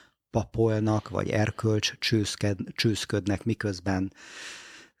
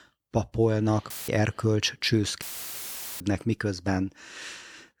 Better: first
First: none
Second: audio cutting out; filled with static; at 1 s and at 2.5 s for 1 s

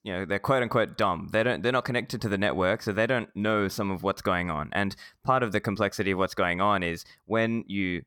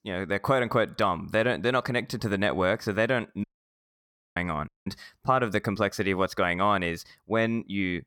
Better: first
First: none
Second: audio cutting out; at 3.5 s for 1 s and at 4.5 s

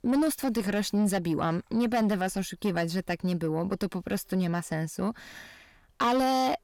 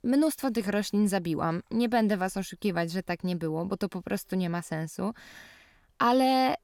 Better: second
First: distortion; slight; 10 dB below the speech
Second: none

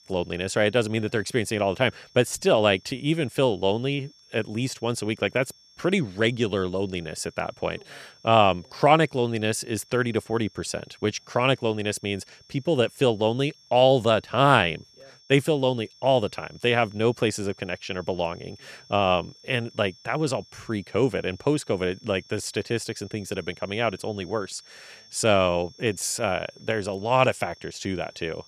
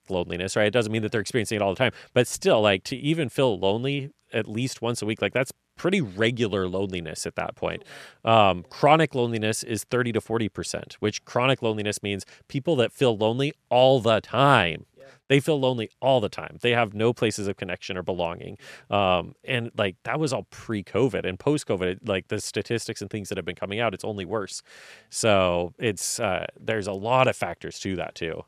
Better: second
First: high-pitched whine; faint; throughout; 5.5 kHz, 25 dB below the speech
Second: none

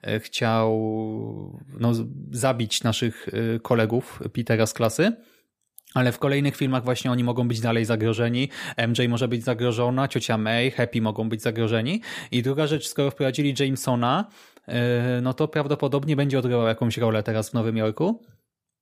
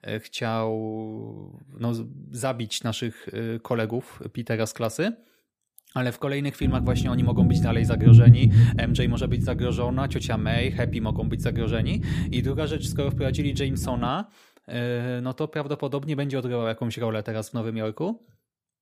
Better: first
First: none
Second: low rumble; loud; from 6.5 to 14 s; 3 dB below the speech

